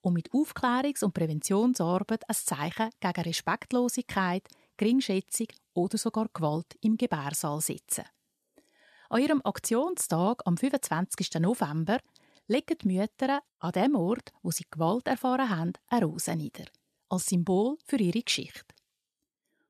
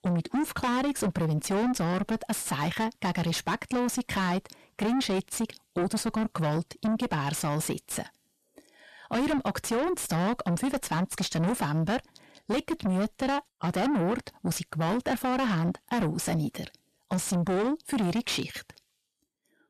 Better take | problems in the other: first | distortion; heavy; 6 dB below the speech

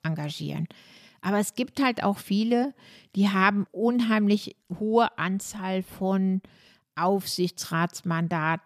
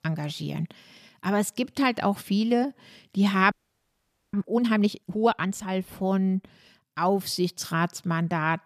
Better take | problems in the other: first | audio freezing; at 3.5 s for 1 s

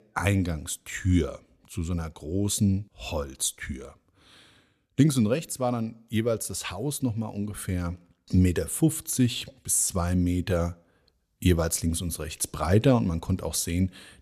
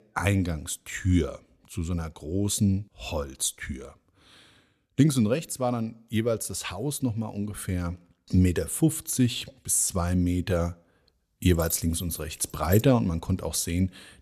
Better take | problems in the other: first | jangling keys; noticeable; from 11 to 13 s; peak 9 dB below the speech

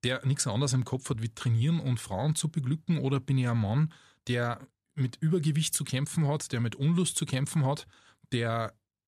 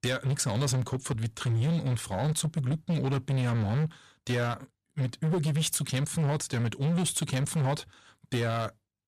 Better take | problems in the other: first | distortion; slight; 20% of the sound clipped

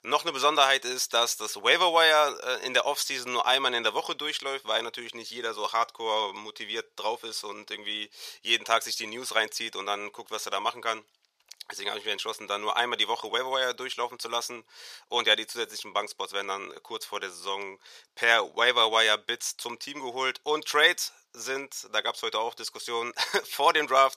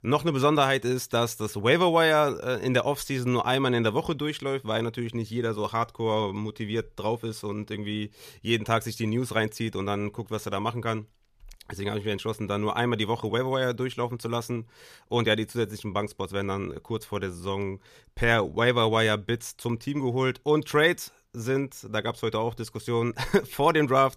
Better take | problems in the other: second | thin; very; fading below 700 Hz

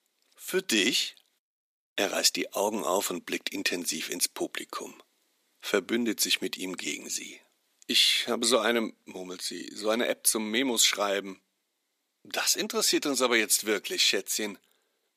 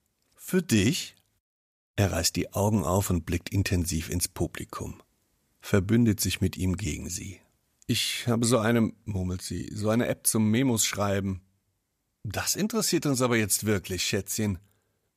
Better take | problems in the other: second | thin; somewhat; fading below 300 Hz

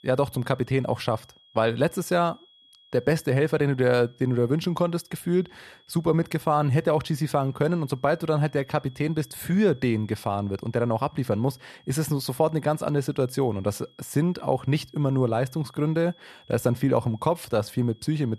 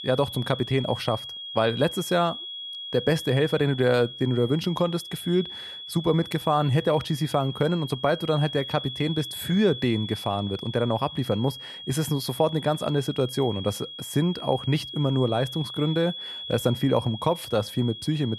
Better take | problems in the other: first | high-pitched whine; loud; throughout; 3.5 kHz, 10 dB below the speech; faint in the first

